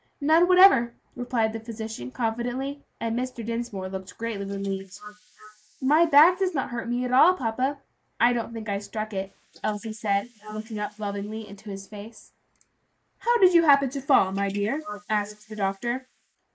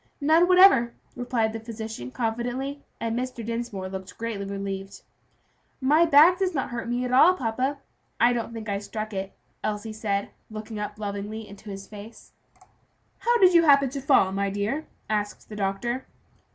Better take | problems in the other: second | noise reduction (neural mask model Resemble Enhance denoiser)

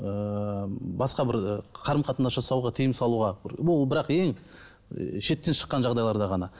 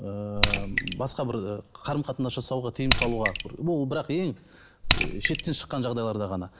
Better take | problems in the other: first | background sound (Raindrop / Splash, splatter); 3 dB above the speech

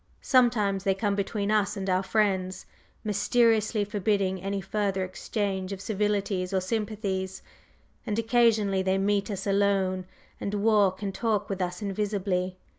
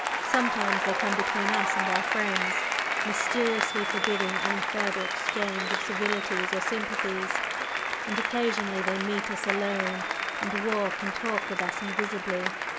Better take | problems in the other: first | background sound (Applause); 3 dB above the speech

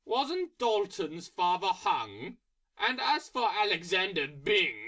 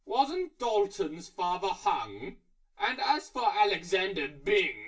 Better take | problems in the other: first | room echo; dies away in 0.2 s

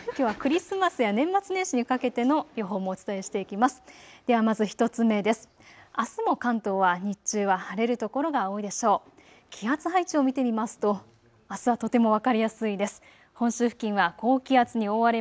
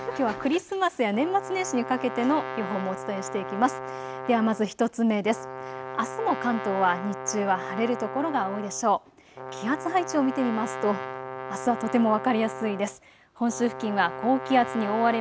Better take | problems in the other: first | background sound (Brass instrument); 9 dB below the speech

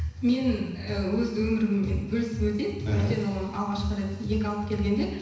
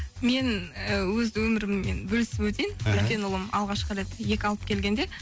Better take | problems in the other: second | room echo; dies away in 1 s

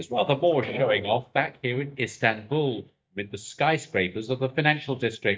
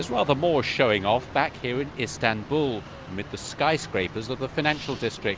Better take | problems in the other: second | noise reduction (neural mask model DeepFilterNet 3)

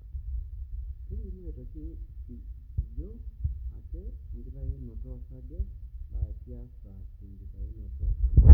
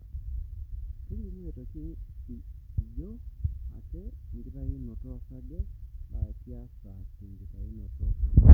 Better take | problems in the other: second | room echo; dies away in 1.9 s

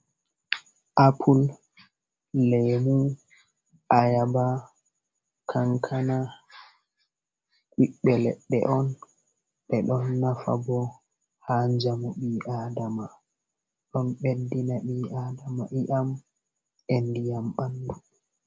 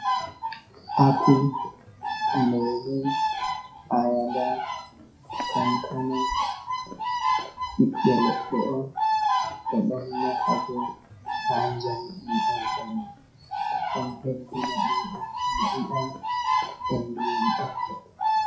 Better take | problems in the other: first | noise reduction (classical method WPE with log-MMSE)

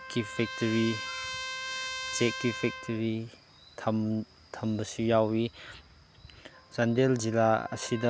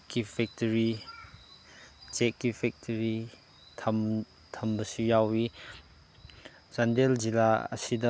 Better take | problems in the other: second | background sound (Trumpet); 11 dB below the speech

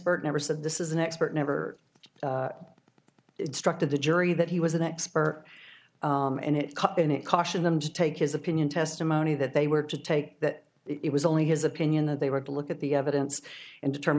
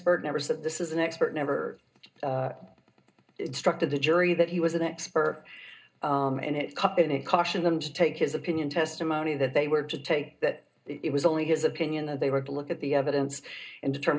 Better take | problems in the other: first | room echo; dies away in 0.2 s

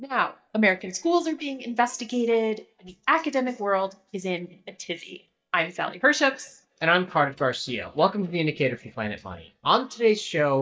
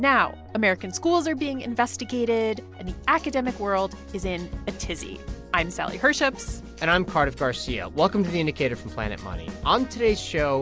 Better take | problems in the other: second | noise reduction (neural mask model DeepFilterNet 3)

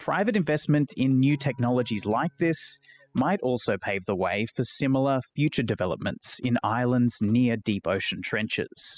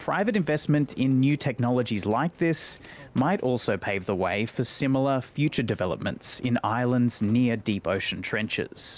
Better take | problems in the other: second | noise reduction (classical method spectral subtraction)

